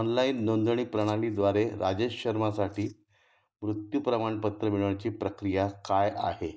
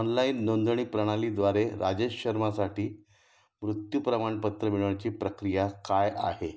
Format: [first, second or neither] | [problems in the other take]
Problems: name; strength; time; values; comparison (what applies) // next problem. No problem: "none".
second | noise reduction (neural mask model DeepFilterNet 3)